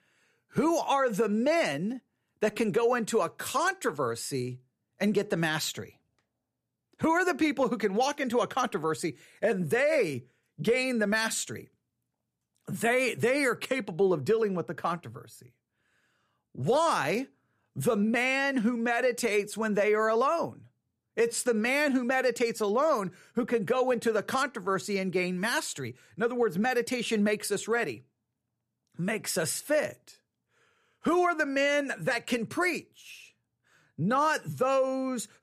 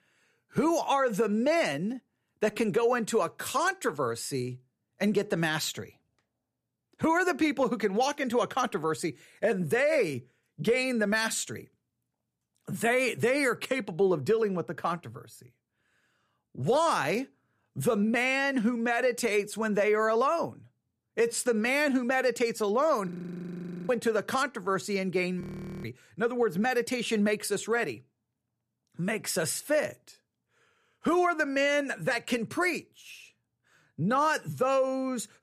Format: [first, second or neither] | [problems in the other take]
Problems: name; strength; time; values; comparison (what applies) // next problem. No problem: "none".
first | audio freezing; at 23 s for 1 s and at 25 s